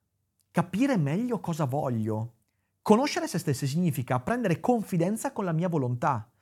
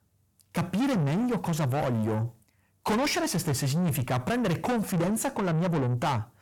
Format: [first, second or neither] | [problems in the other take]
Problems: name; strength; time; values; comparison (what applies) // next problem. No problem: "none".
first | distortion; heavy; 6 dB below the speech